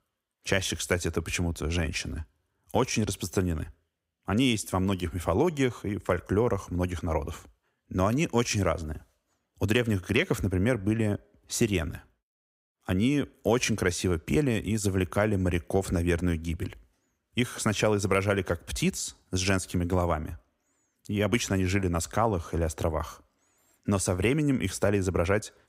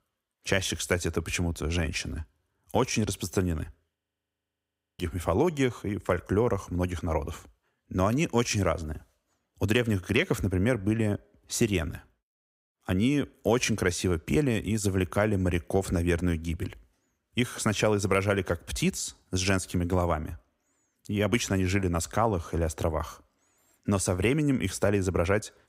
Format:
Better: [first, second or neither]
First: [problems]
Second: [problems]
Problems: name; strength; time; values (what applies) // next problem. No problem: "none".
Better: first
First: none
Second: audio freezing; at 4 s for 1 s